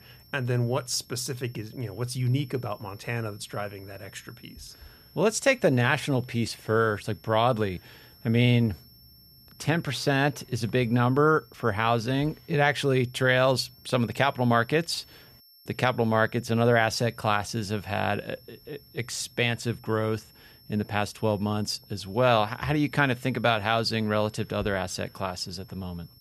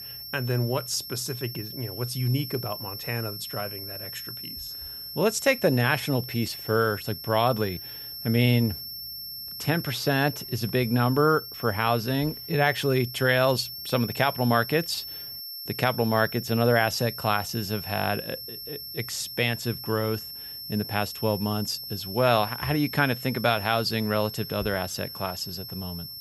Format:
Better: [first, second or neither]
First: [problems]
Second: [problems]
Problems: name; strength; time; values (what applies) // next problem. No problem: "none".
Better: first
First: high-pitched whine; faint; throughout; 5.5 kHz, 25 dB below the speech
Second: high-pitched whine; loud; throughout; 5.5 kHz, 9 dB below the speech